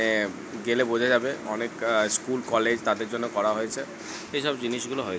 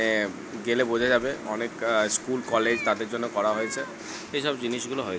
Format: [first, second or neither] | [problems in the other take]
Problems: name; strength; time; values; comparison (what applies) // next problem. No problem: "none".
first | background sound (Meow); 17 dB below the speech